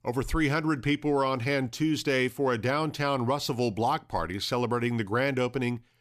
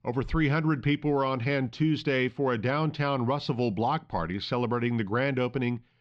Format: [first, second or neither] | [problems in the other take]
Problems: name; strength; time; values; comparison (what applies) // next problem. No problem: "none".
first | muffled; very slightly; fading above 4 kHz